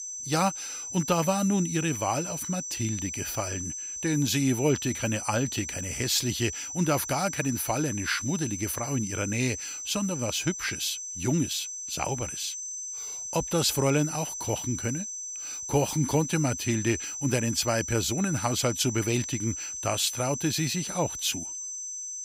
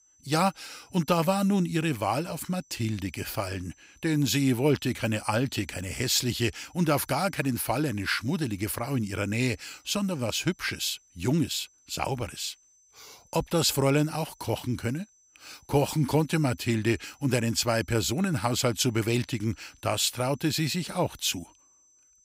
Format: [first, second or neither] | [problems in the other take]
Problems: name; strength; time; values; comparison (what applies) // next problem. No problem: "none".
second | high-pitched whine; loud; throughout; 6 kHz, 5 dB below the speech; faint in the second